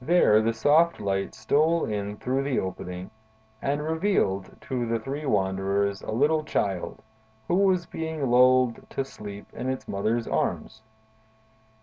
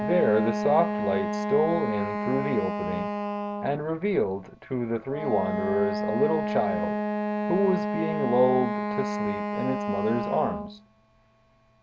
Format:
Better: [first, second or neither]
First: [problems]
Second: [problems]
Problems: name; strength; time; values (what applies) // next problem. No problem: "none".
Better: first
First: none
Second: background sound (Wind instrument, woodwind instrument); 2 dB below the speech